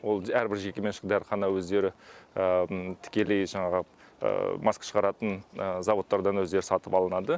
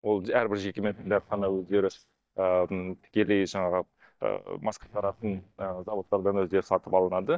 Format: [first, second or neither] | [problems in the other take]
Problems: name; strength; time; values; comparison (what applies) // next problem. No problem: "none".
first | noise reduction (neural mask model DeepFilterNet 3)